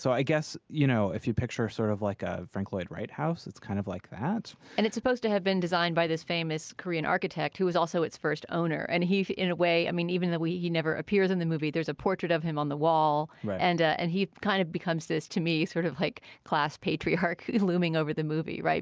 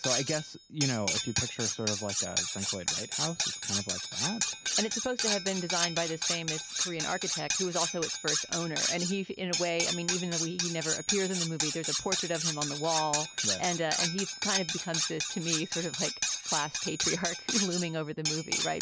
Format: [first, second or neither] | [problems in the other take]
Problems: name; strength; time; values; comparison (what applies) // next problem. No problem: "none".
first | background sound (Cutlery, silverware); 1 dB above the speech